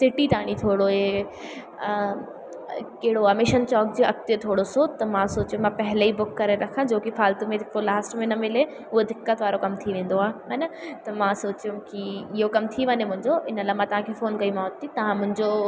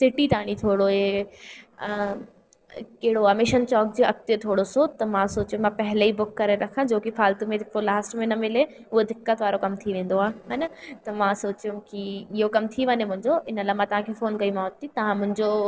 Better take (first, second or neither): first